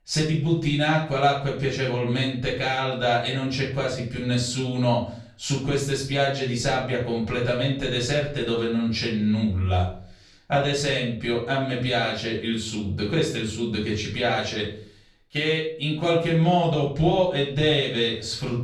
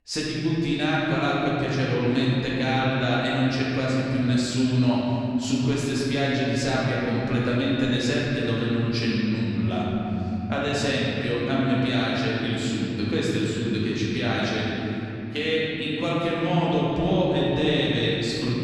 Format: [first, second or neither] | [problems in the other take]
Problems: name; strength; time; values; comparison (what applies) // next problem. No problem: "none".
first | room echo; strong; dies away in 3 s; slight in the first // off-mic speech; far; far in the first